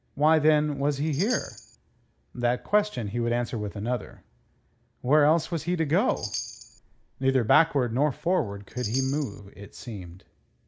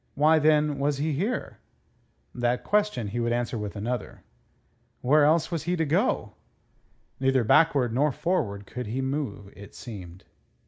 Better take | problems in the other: second | background sound (Chime); 12 dB below the speech

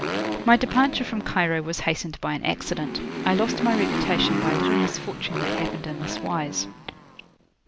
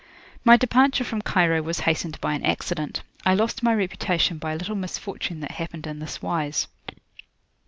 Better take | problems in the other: second | background sound (Motorcycle); 3 dB below the speech

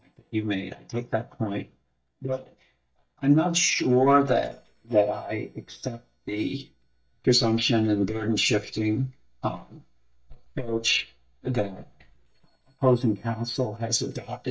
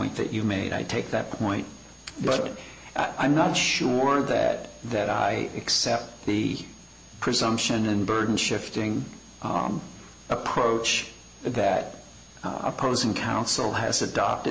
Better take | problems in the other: second | noise reduction (neural mask model DeepFilterNet 3)

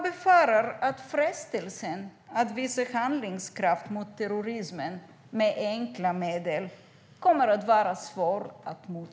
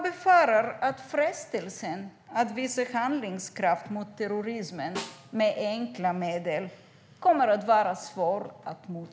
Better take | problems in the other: first | background sound (Snare drum); 18 dB below the speech

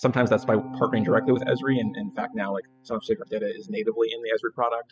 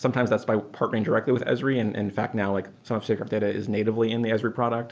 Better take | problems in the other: second | noise reduction (classical method spectral subtraction)

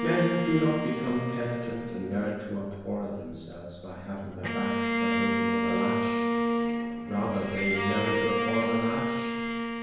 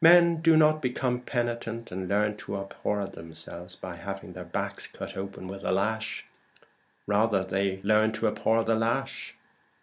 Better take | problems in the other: second | background sound (Bowed string instrument); 1 dB above the speech // room echo; dies away in 1 s

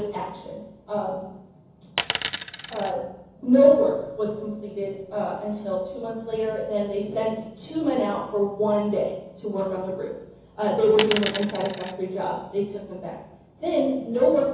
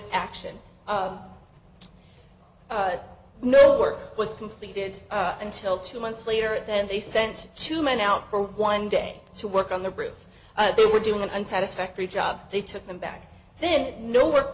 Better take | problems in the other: second | background sound (Coin (dropping)); 6 dB below the speech // room echo; dies away in 0.9 s

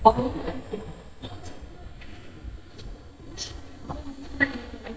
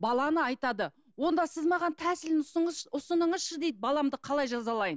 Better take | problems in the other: second | noise reduction (neural mask model DeepFilterNet 3)

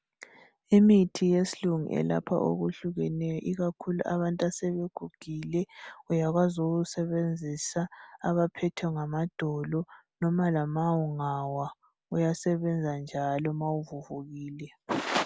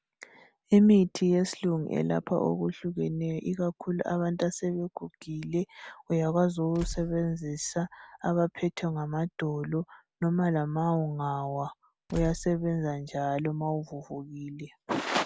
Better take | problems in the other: first | background sound (Tools); 15 dB below the speech

